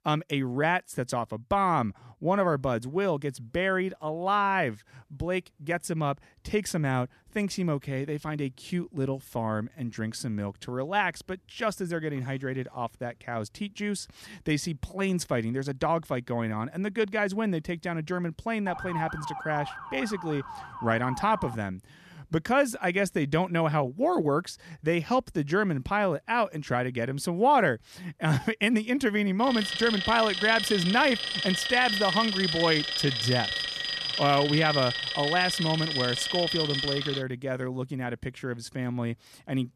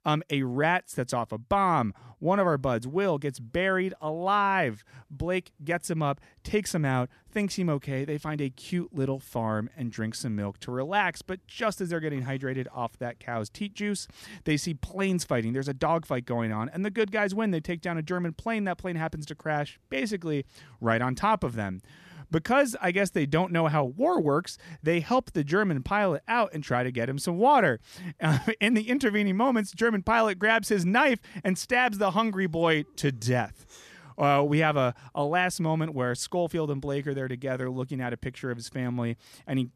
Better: second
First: siren; noticeable; from 19 to 22 s; peak 7 dB below the speech // alarm; loud; from 29 to 37 s; peak 2 dB above the speech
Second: none

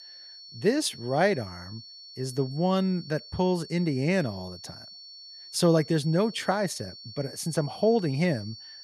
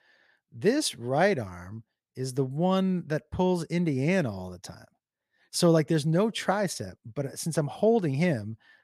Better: second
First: high-pitched whine; noticeable; throughout; 4.5 kHz, 15 dB below the speech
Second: none

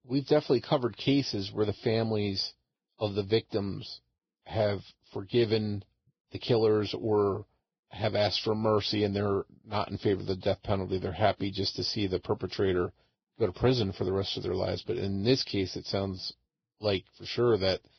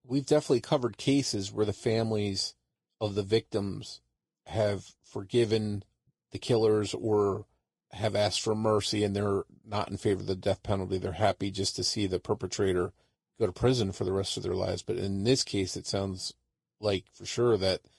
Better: second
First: garbled, watery; badly; nothing above 5.5 kHz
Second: garbled, watery; slightly; nothing above 10.5 kHz

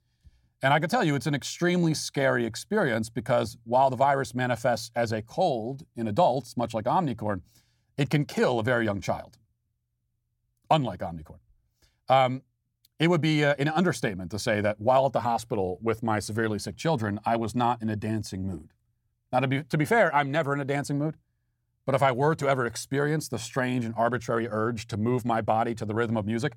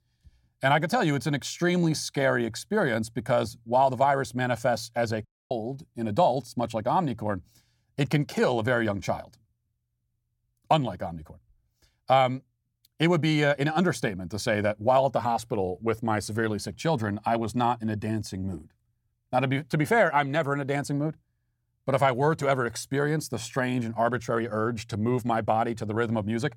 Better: first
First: none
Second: audio cutting out; at 5.5 s

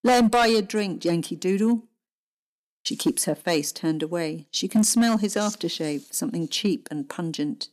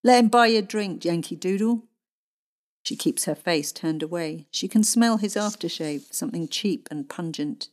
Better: second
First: distortion; slight; 4% of the sound clipped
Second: none

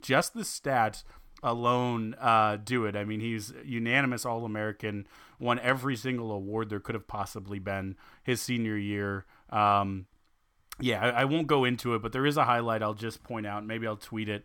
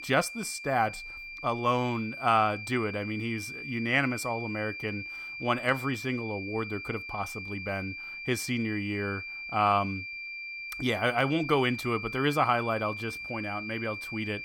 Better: first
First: none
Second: high-pitched whine; loud; throughout; 2.5 kHz, 7 dB below the speech

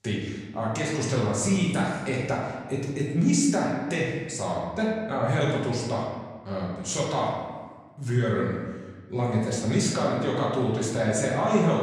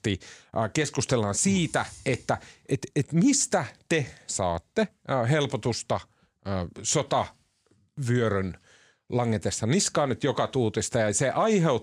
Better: second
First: room echo; noticeable; dies away in 1.3 s // off-mic speech; far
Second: none

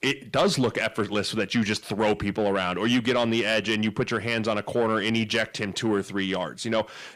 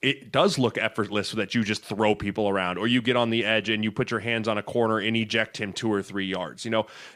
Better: second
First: distortion; slight; 10 dB below the speech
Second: none

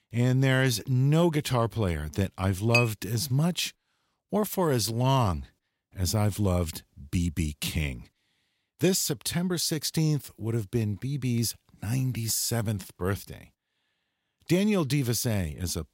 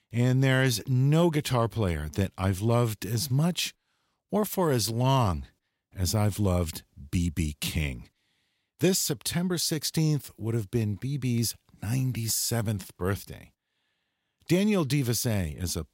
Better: second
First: clattering dishes; loud; at 2.5 s; peak level with the speech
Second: none

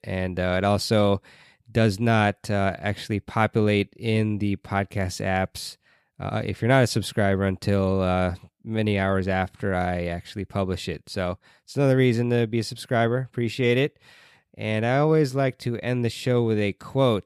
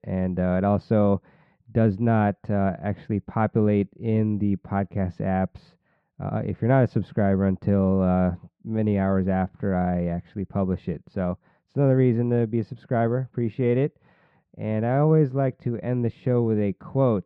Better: first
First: none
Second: muffled; very; fading above 1 kHz

